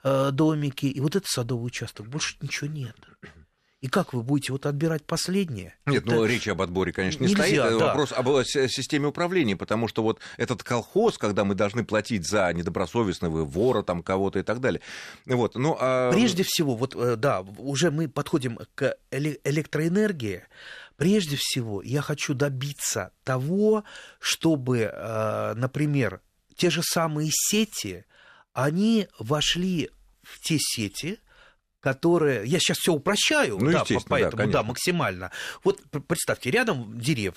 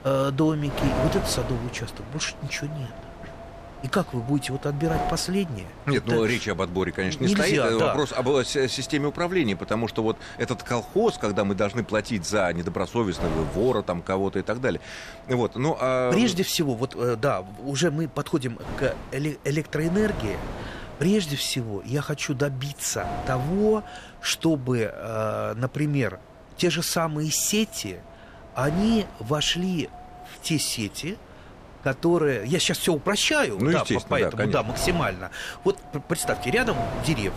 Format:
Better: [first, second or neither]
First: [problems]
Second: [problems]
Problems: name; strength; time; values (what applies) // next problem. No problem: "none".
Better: first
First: none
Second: wind noise on the microphone; occasional gusts; 10 dB below the speech